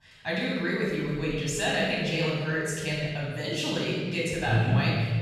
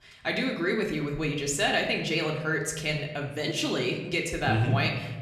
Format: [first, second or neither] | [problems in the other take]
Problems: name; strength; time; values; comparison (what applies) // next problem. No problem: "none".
second | room echo; strong; dies away in 1.7 s; slight in the second // off-mic speech; far; somewhat distant in the second